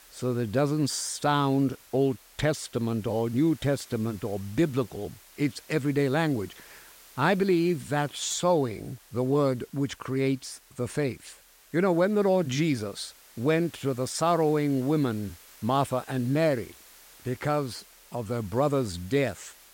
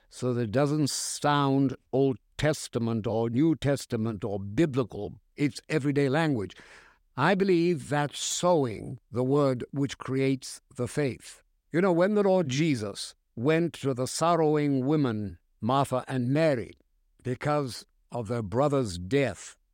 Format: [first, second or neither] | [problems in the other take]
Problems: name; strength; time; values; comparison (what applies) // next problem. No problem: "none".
second | hiss; faint; throughout; 25 dB below the speech